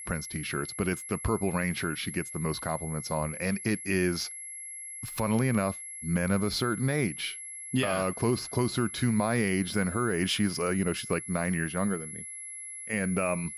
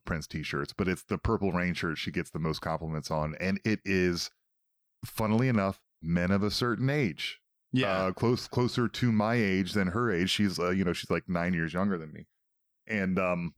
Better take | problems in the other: second | high-pitched whine; loud; throughout; 11 kHz, 9 dB below the speech

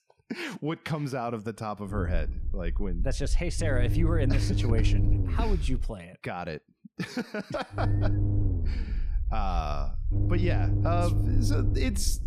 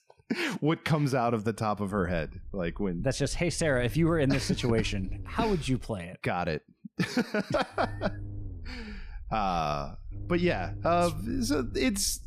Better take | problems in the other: second | low rumble; loud; from 2 to 6 s and from 8 s on; 6 dB below the speech; faint in the second

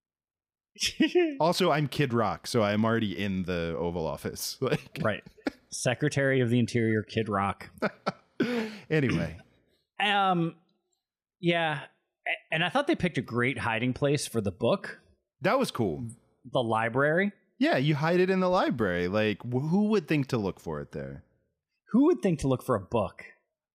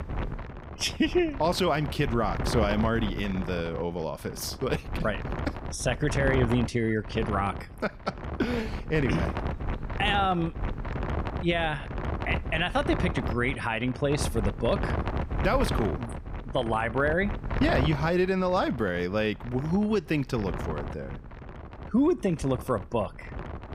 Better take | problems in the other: first | wind noise on the microphone; heavy; 9 dB below the speech

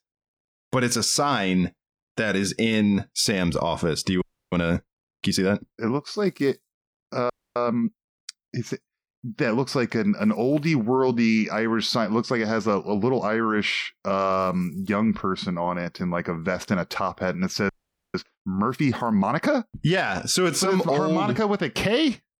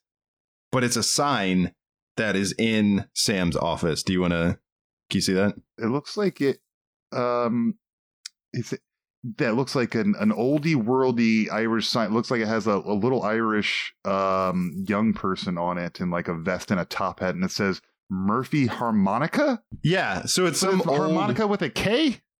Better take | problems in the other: second | audio freezing; at 4 s, at 7.5 s and at 18 s

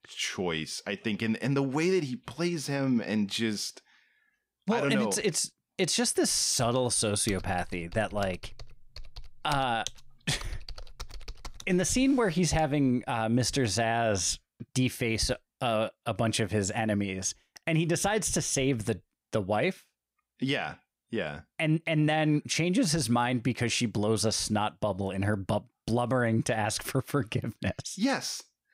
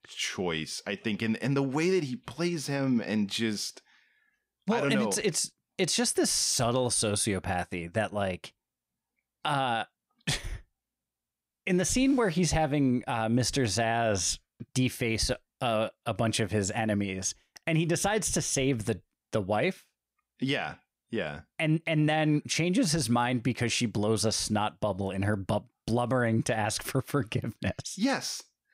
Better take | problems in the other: second | keyboard typing; noticeable; from 7.5 to 13 s; peak 10 dB below the speech

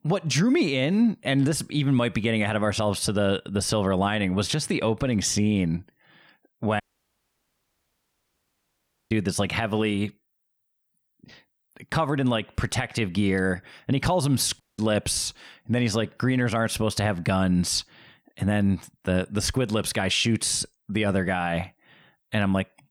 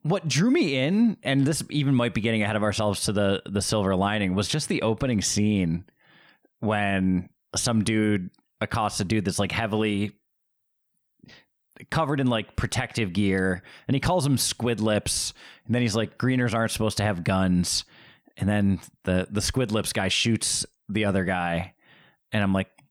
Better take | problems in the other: second | audio cutting out; at 7 s for 2.5 s and at 15 s

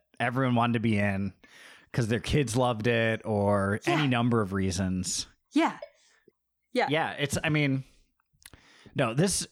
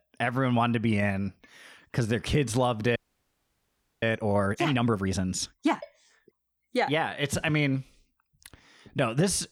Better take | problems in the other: first | audio freezing; at 3 s for 1 s

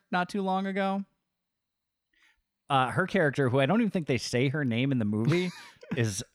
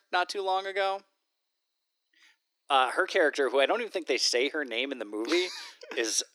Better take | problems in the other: first | thin; very; fading below 300 Hz

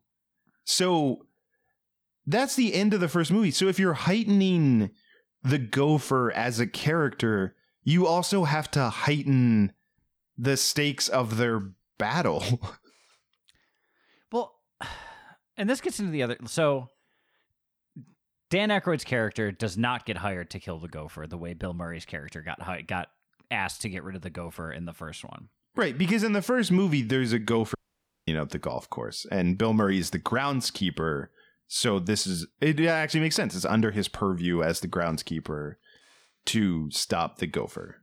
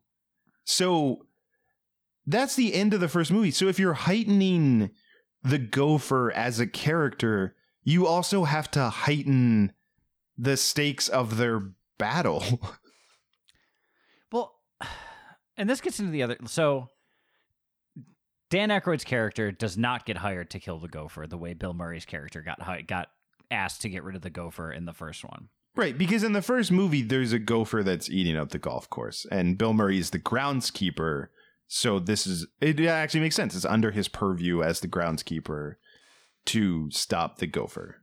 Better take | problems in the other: second | audio cutting out; at 28 s for 0.5 s

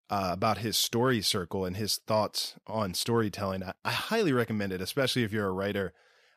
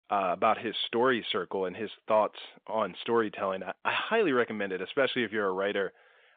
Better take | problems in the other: first | phone-call audio

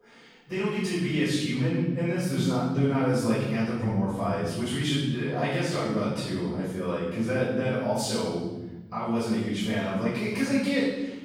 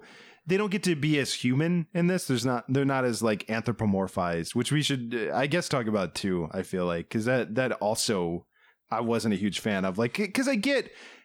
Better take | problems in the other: second | room echo; strong; dies away in 1.4 s // off-mic speech; far

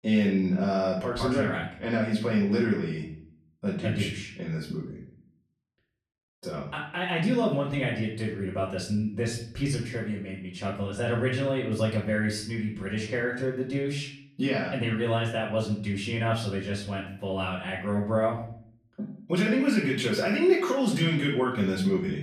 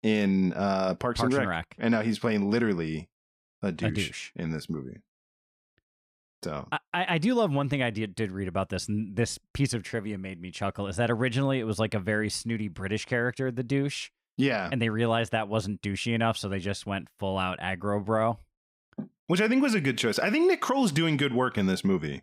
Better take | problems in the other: second | room echo; slight; dies away in 0.5 s // off-mic speech; far

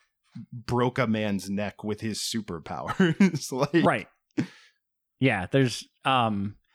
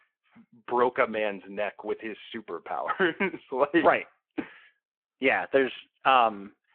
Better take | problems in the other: first | phone-call audio

